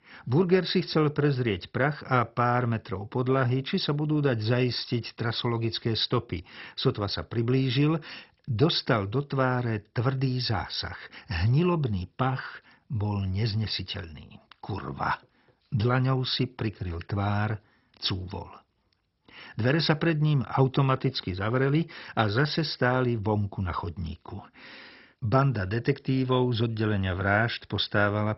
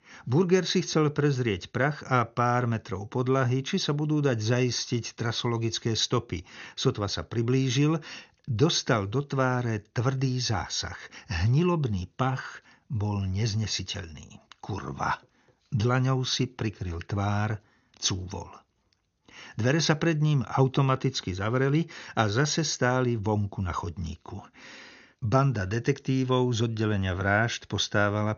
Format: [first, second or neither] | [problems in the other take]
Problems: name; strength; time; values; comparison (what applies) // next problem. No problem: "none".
second | garbled, watery; badly; nothing above 5.5 kHz; slightly in the second